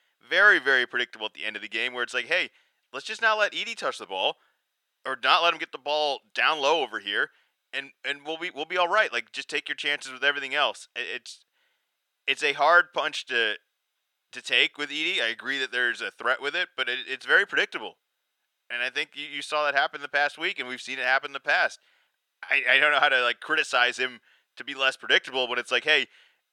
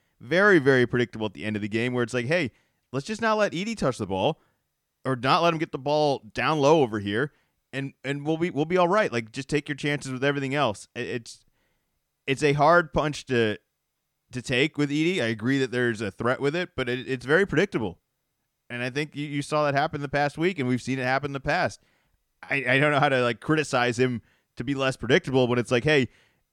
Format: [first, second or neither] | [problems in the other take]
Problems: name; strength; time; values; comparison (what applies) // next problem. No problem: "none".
second | thin; very; fading below 650 Hz